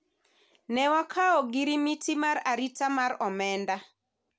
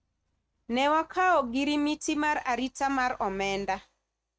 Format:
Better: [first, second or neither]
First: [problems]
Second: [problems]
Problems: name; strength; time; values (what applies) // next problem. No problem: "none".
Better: first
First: none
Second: noise reduction (neural mask model RNNoise)